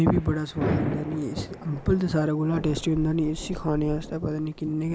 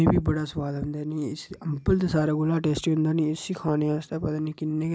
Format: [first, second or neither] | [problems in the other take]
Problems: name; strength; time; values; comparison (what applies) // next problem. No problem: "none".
second | background sound (Thunder / Rain); 8 dB below the speech